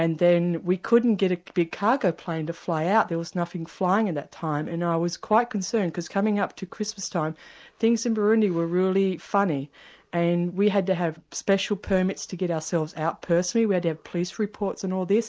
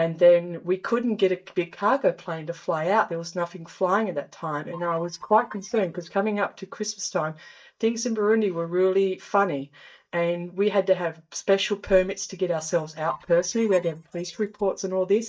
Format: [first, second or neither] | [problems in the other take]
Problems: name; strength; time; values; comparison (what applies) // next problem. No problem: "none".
first | noise reduction (neural mask model DeepFilterNet 3)